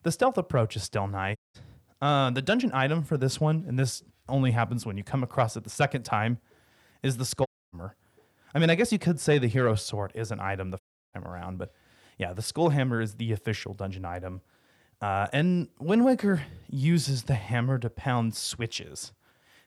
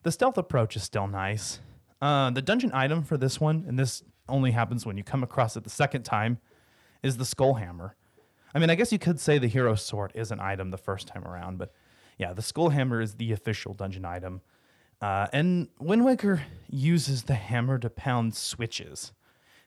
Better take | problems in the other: second | audio cutting out; at 1.5 s, at 7.5 s and at 11 s

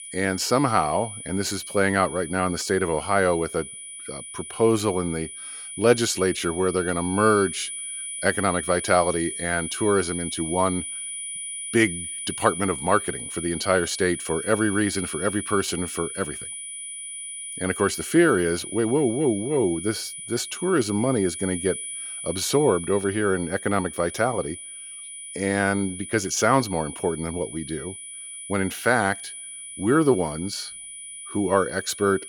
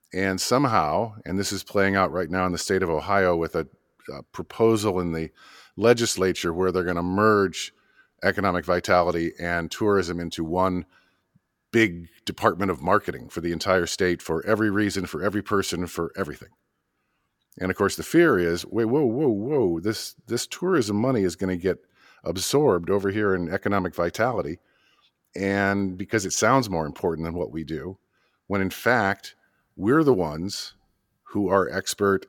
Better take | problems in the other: second | high-pitched whine; loud; throughout; 10 kHz, 9 dB below the speech

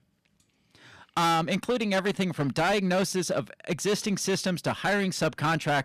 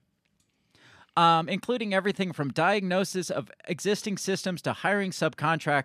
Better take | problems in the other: second | distortion; heavy; 12% of the sound clipped

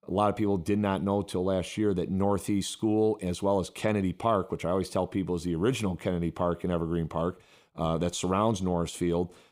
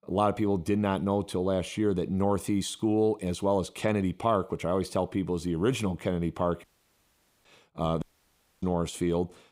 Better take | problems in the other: first | audio cutting out; at 6.5 s for 1 s and at 8 s for 0.5 s

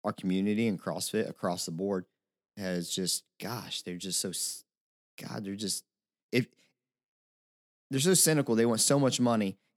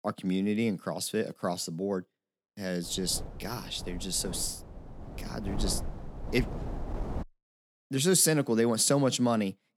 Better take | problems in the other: first | wind noise on the microphone; occasional gusts; from 3 to 7 s; 15 dB below the speech

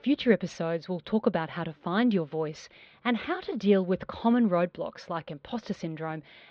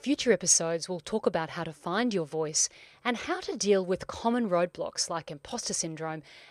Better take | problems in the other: second | muffled; very; fading above 4 kHz

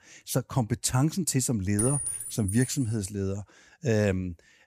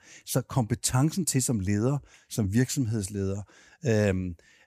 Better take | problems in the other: second | clattering dishes; loud; at 2 s; peak level with the speech

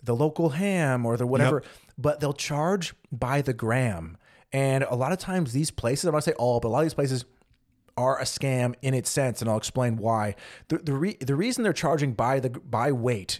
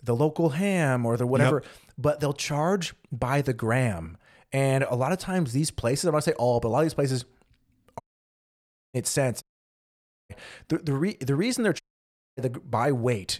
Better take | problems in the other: first | audio cutting out; at 8 s for 1 s, at 9.5 s for 1 s and at 12 s for 0.5 s

